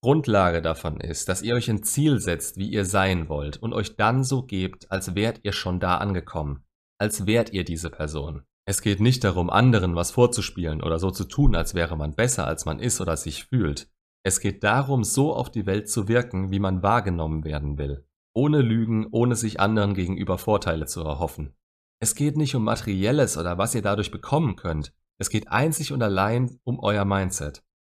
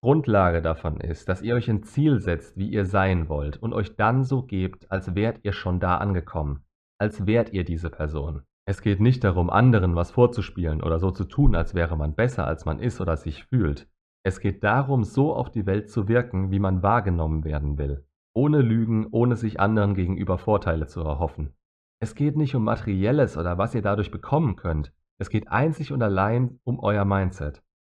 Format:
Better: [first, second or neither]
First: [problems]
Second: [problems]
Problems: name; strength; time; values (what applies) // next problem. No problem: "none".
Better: first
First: none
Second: muffled; very; fading above 2 kHz